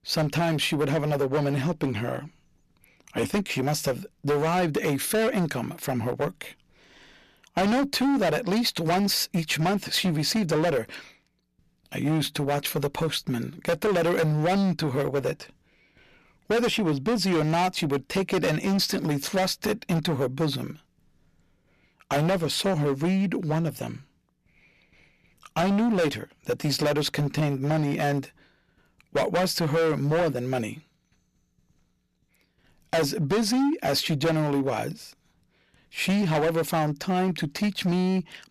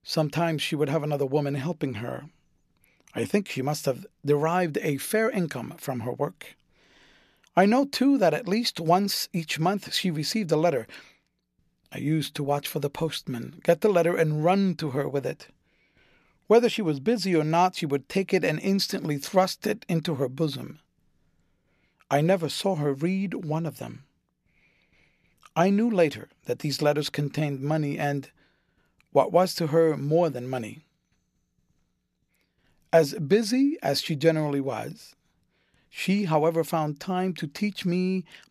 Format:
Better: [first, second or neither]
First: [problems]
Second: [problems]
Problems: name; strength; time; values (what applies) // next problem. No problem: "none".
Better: second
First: distortion; heavy; 15% of the sound clipped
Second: none